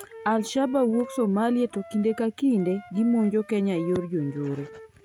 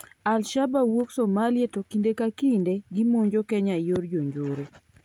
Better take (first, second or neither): second